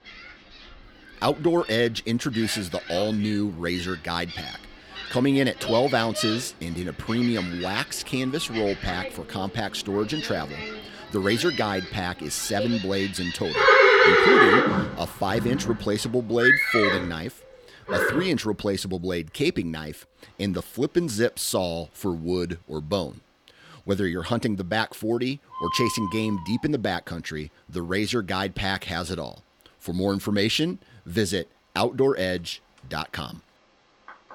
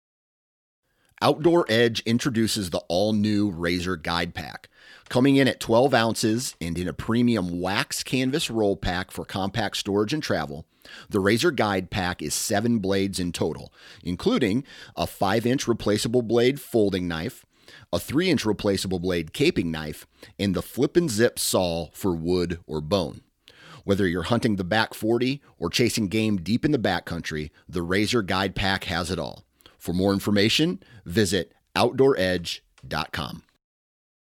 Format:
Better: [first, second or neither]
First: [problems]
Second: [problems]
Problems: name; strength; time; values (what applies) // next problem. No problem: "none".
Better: second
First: animal sounds; very loud; throughout; 3 dB above the speech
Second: none